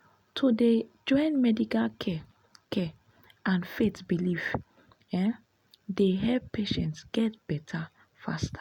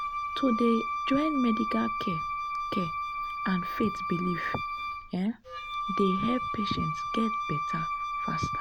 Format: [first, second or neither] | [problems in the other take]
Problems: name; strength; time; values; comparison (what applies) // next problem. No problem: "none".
first | background sound (Wind instrument, woodwind instrument); 1 dB below the speech